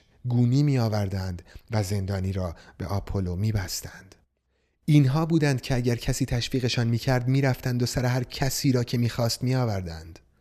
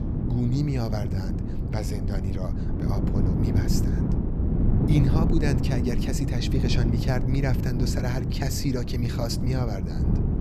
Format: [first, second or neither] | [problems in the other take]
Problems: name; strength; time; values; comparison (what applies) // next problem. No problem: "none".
first | wind noise on the microphone; heavy; 2 dB below the speech